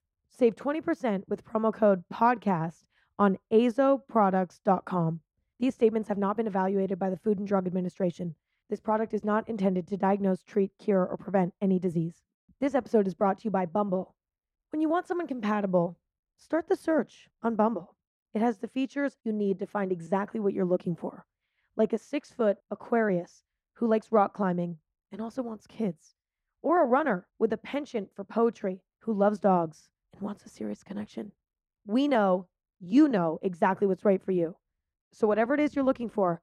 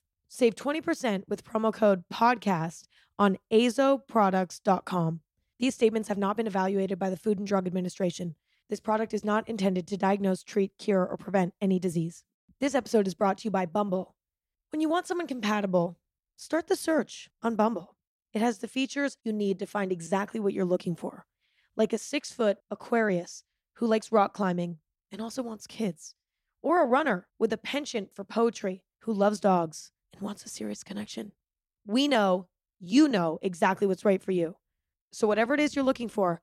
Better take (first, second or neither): second